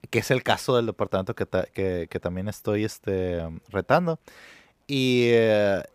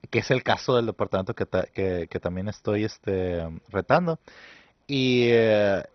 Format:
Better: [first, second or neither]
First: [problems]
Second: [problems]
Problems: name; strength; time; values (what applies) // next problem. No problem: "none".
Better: first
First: none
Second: garbled, watery; badly; nothing above 6 kHz